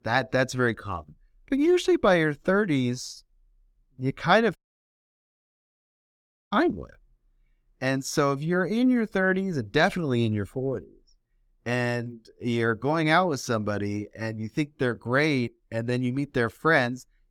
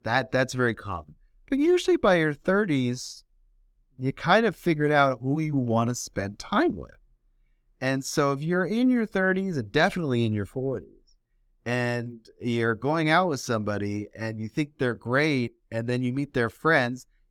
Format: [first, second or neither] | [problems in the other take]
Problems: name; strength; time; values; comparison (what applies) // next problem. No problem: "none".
second | audio cutting out; at 4.5 s for 2 s